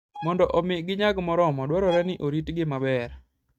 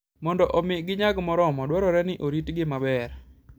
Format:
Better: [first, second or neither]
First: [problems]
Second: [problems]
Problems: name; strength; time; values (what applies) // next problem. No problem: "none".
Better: second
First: noise reduction (neural mask model RNNoise)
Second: none